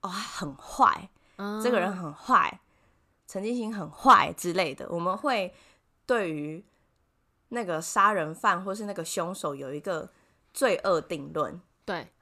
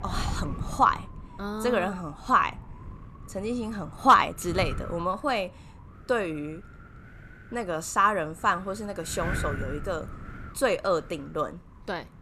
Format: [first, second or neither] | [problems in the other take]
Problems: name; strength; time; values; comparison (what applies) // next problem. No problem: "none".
first | wind noise on the microphone; occasional gusts; 20 dB below the speech